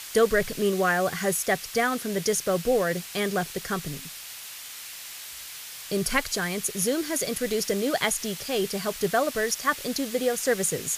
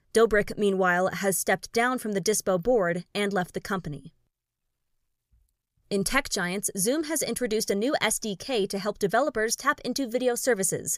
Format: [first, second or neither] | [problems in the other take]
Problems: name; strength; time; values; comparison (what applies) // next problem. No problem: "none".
second | hiss; noticeable; throughout; 10 dB below the speech